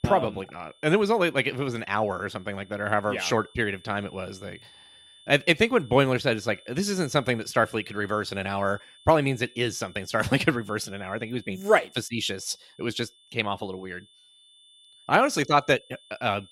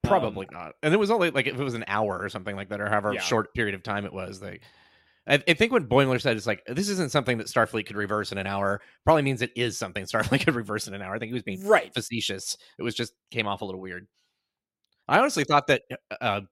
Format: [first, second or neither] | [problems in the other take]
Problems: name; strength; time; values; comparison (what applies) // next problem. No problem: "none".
second | high-pitched whine; faint; throughout; 3.5 kHz, 25 dB below the speech